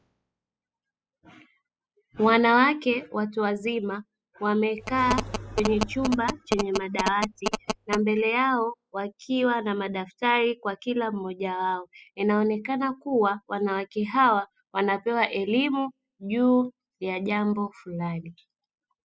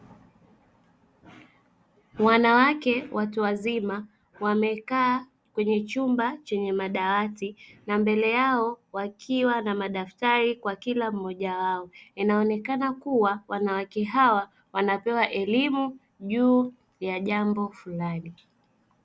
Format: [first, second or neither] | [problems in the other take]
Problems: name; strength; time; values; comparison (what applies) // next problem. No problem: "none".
second | noise reduction (classical method spectral subtraction)